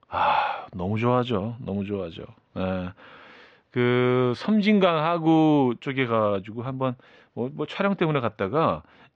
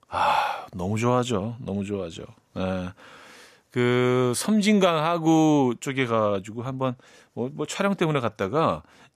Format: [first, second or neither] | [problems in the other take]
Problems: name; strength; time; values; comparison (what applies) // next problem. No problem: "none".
second | muffled; slightly; fading above 3.5 kHz